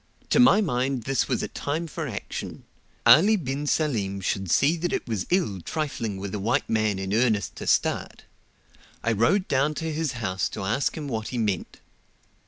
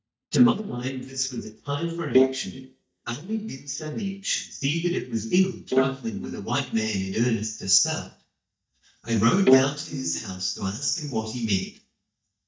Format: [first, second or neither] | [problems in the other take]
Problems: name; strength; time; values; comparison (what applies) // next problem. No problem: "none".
first | noise reduction (neural mask model DeepFilterNet 3)